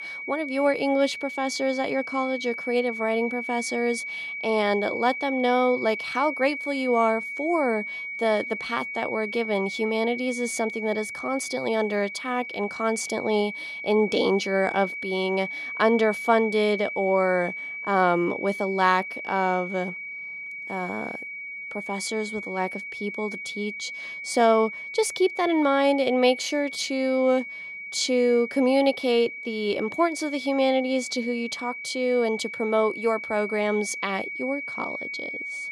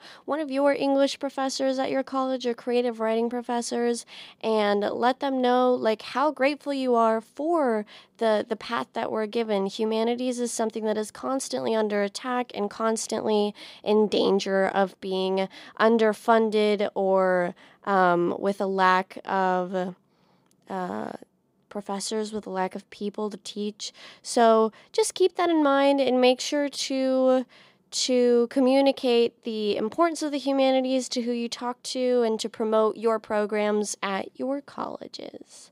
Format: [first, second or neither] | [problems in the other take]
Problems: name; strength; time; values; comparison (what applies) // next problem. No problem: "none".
second | high-pitched whine; loud; throughout; 2.5 kHz, 7 dB below the speech